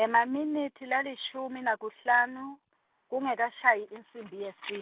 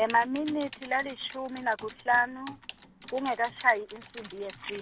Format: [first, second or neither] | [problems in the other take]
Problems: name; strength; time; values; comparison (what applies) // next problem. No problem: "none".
first | background sound (Typing); 17 dB below the speech